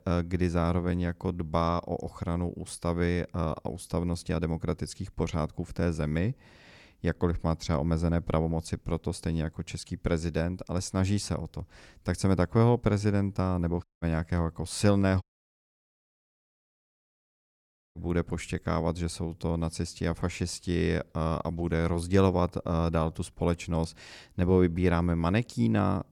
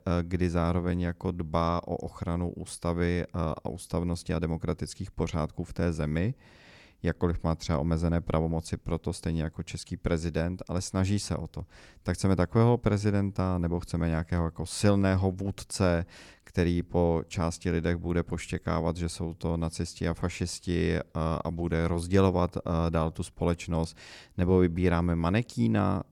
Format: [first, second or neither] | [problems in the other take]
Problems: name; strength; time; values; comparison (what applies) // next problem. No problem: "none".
second | audio cutting out; at 14 s and at 15 s for 2.5 s